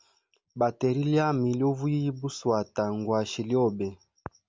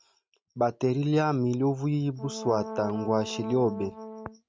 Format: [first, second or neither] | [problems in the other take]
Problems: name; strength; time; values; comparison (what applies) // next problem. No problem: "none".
first | noise reduction (neural mask model RNNoise)